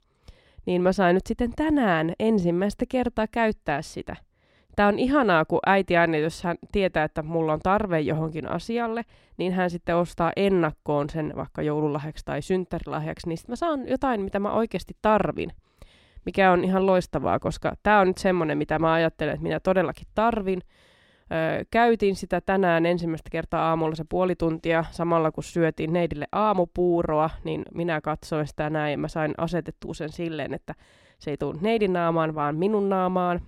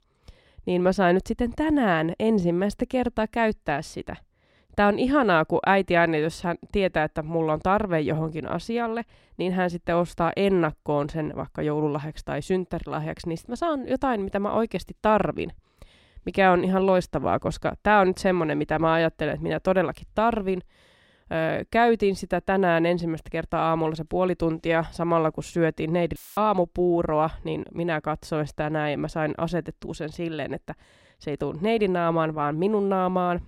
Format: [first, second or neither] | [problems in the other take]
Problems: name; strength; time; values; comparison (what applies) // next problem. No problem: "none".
first | audio cutting out; filled with static; at 26 s